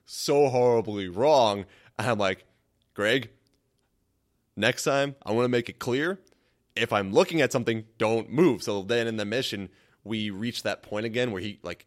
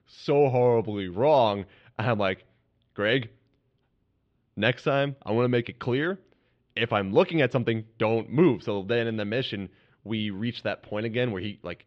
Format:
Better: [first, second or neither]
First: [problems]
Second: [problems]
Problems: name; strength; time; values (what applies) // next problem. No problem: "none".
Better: first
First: none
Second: muffled; slightly; fading above 3.5 kHz